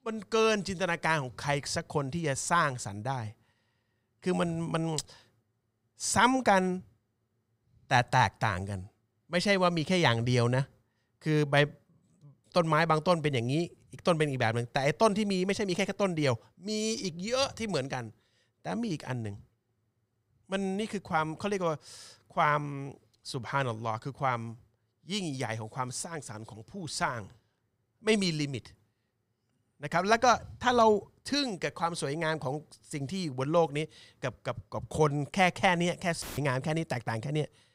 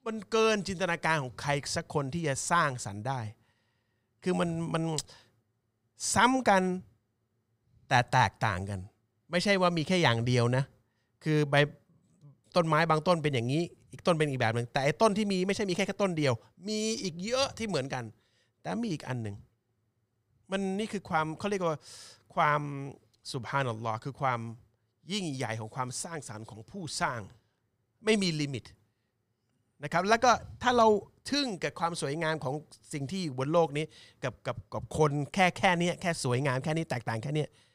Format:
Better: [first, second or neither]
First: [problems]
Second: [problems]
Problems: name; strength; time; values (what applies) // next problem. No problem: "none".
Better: second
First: audio cutting out; filled with static; at 36 s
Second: none